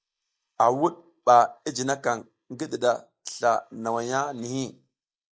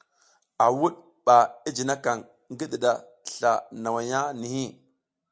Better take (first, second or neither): second